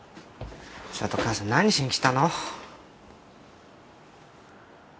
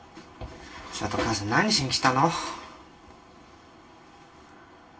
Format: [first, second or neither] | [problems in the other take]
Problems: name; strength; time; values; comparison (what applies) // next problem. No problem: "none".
first | room echo; dies away in 0.2 s